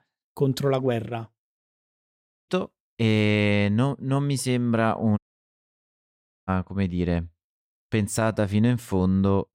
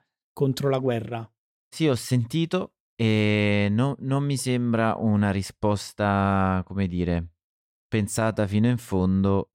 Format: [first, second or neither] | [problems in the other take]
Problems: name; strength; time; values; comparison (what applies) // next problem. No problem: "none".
second | audio cutting out; at 1.5 s for 1 s and at 5 s for 1.5 s